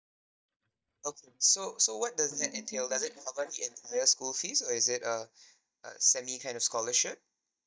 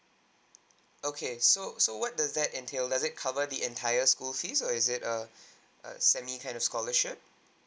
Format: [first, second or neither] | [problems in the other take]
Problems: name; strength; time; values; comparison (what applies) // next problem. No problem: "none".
second | noise reduction (neural mask model DeepFilterNet 3)